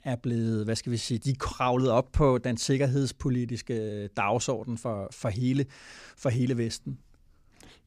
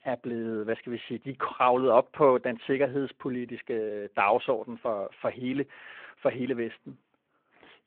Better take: first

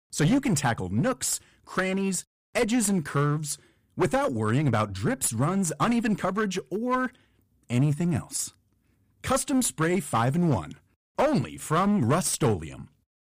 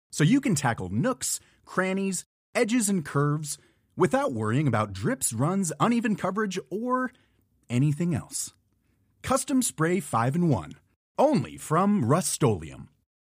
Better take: second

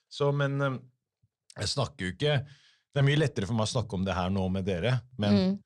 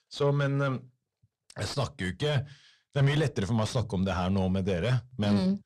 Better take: first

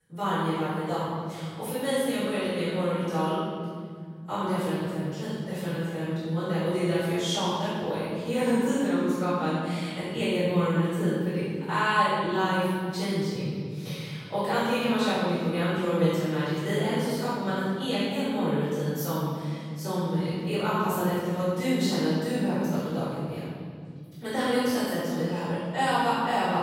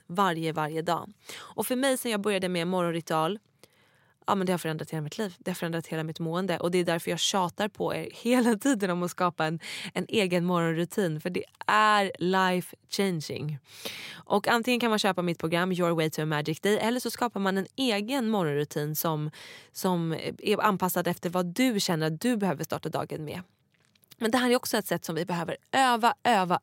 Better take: second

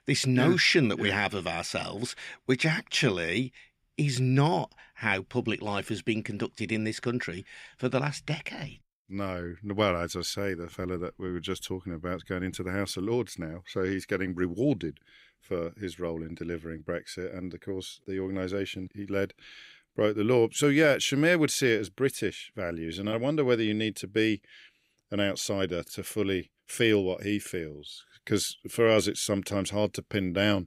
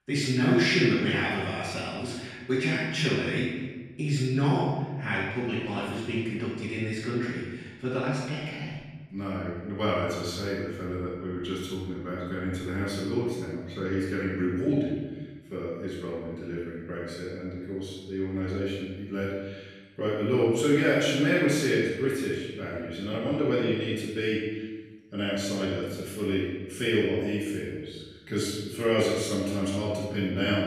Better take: first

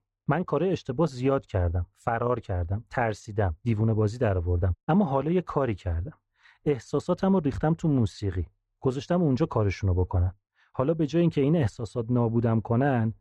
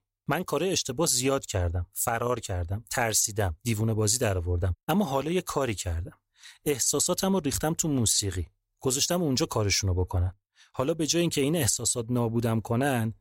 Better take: second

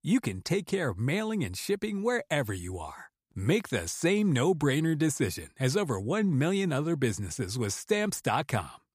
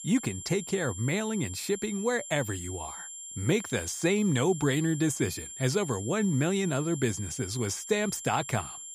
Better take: first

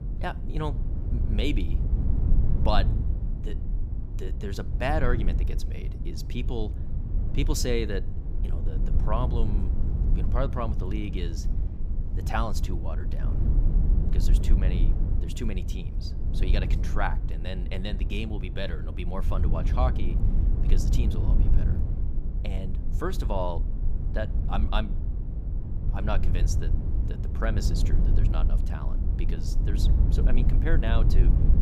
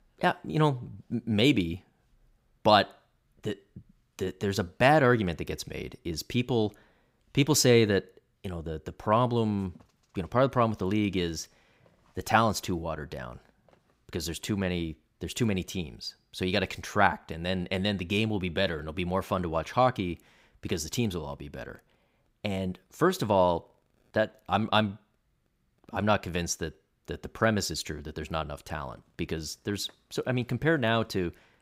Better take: second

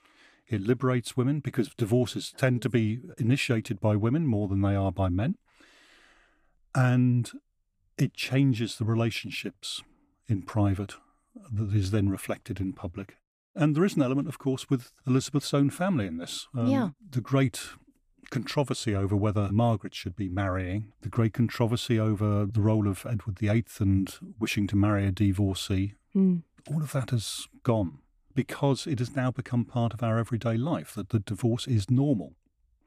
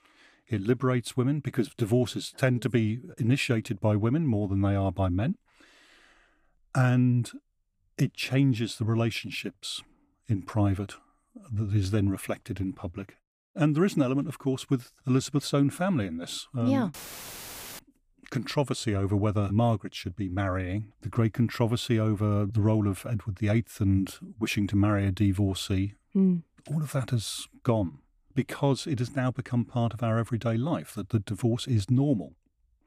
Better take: first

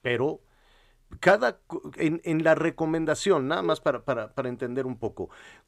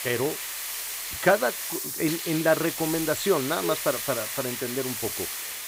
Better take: first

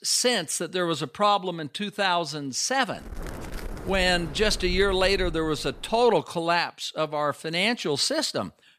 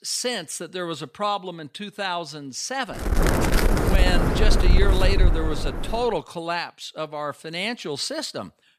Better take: first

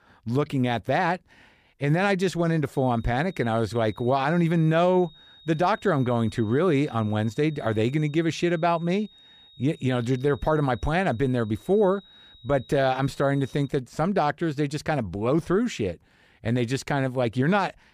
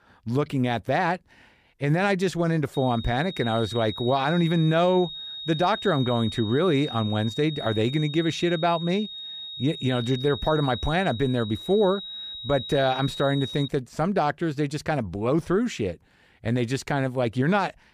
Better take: first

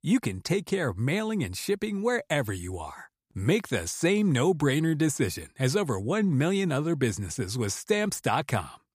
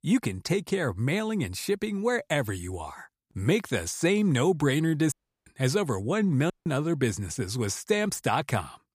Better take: first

